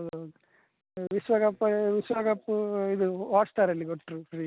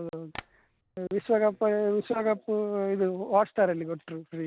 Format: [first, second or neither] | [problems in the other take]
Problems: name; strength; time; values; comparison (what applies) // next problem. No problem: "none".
first | background sound (Tap); 20 dB below the speech